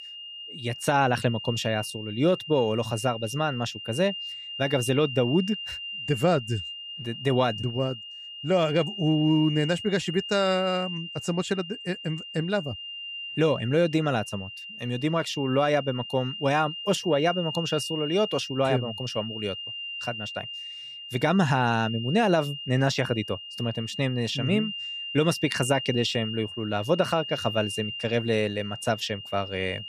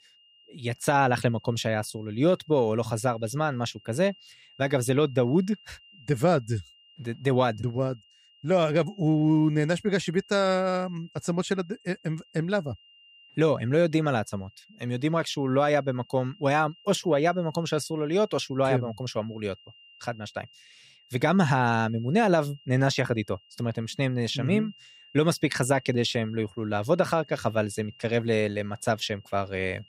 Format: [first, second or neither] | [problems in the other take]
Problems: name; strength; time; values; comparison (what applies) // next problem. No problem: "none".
second | high-pitched whine; loud; throughout; 3 kHz, 8 dB below the speech; faint in the second